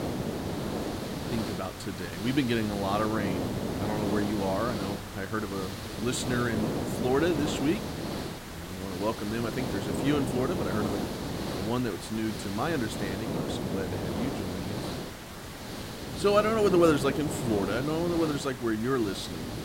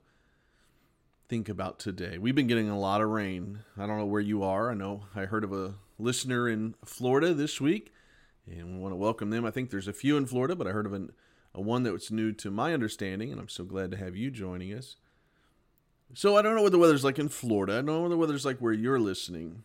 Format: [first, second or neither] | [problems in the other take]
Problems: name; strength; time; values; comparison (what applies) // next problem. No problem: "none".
second | hiss; loud; throughout; 4 dB below the speech